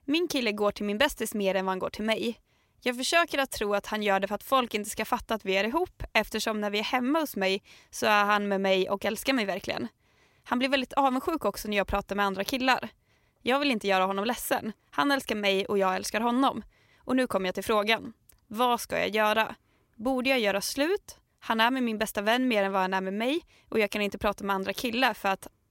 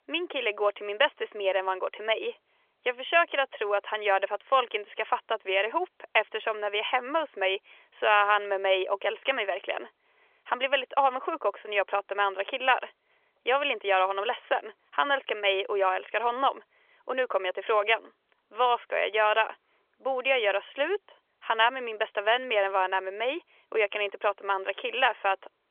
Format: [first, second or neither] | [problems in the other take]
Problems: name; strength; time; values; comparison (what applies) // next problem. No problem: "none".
first | phone-call audio; nothing above 3.5 kHz